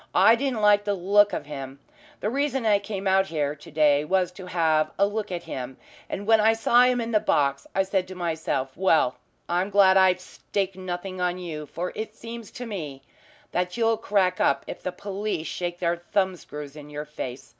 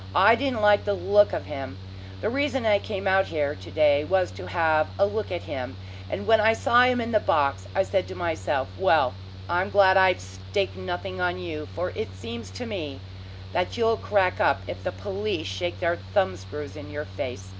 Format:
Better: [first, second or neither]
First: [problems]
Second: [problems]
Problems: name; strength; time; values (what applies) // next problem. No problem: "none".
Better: first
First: none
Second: background sound (Mechanical fan); 13 dB below the speech